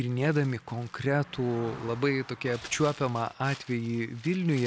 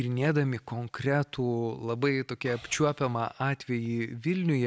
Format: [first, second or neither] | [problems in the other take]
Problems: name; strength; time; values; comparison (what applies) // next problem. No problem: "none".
second | background sound (Car passing by + Crumpling, crinkling); 19 dB below the speech